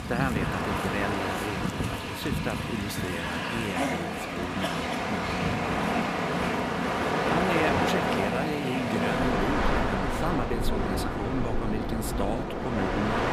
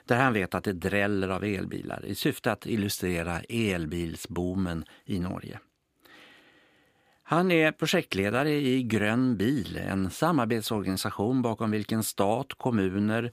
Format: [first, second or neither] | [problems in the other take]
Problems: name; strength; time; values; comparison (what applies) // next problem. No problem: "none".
second | train or aircraft noise; very loud; throughout; 5 dB above the speech